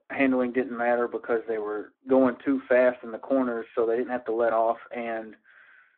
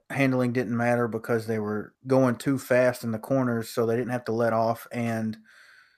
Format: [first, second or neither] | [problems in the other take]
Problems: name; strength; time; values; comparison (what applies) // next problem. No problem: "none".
second | phone-call audio